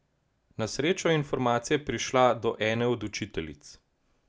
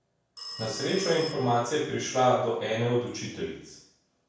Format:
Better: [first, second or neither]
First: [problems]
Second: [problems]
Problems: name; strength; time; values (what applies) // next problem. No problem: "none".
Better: first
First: none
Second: background sound (Telephone); 16 dB below the speech // room echo; dies away in 0.6 s